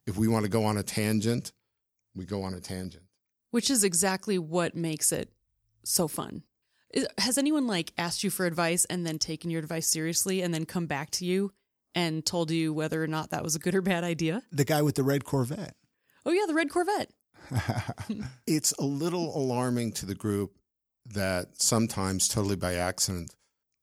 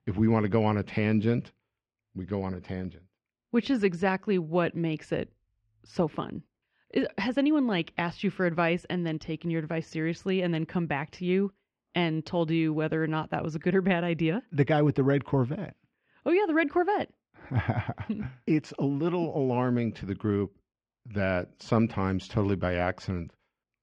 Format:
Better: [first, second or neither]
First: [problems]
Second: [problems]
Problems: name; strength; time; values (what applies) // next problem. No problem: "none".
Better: first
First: none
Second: muffled; very; fading above 3 kHz